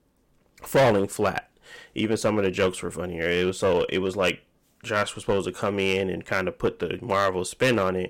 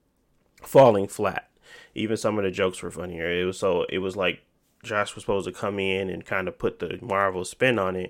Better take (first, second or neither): second